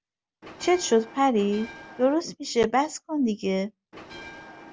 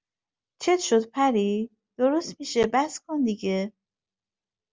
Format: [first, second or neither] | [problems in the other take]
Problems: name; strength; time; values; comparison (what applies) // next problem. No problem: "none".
second | background sound (Bell); 17 dB below the speech